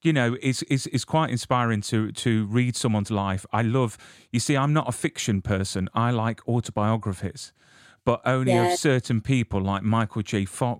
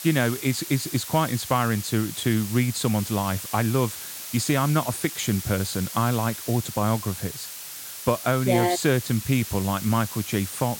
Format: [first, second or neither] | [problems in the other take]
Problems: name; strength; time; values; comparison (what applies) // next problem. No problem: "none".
first | hiss; loud; throughout; 9 dB below the speech